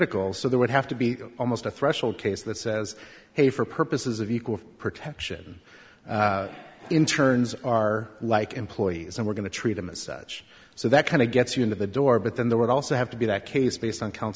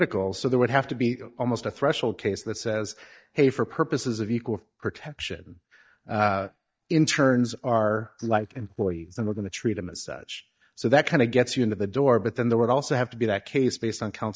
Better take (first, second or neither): first